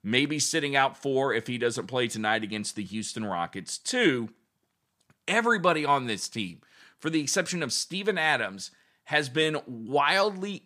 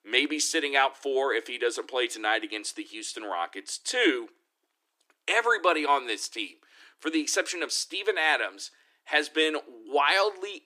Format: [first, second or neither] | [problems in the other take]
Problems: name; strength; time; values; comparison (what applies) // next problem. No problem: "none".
first | thin; somewhat; fading below 300 Hz